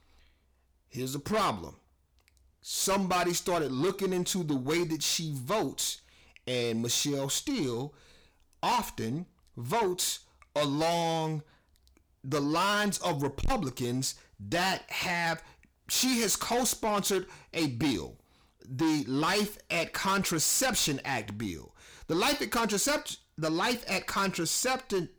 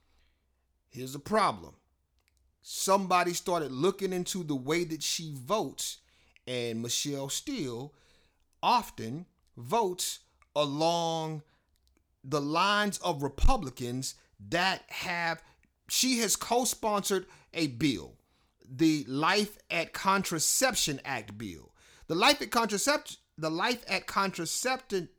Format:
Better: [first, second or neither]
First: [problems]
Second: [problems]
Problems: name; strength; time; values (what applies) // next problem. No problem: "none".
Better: second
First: distortion; heavy; 6 dB below the speech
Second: none